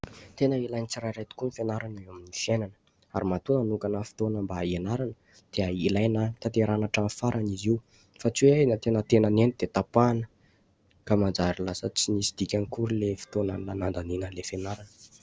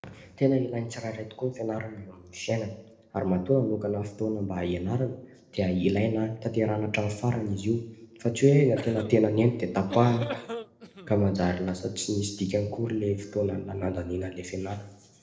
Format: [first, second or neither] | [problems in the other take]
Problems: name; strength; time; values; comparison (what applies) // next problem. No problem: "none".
first | noise reduction (neural separator model SepFormer DNS4)